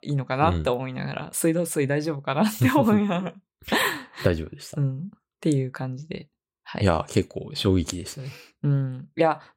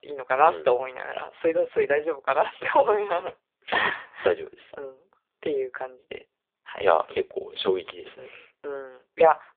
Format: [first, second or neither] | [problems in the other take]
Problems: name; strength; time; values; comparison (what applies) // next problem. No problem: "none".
first | phone-call audio; poor line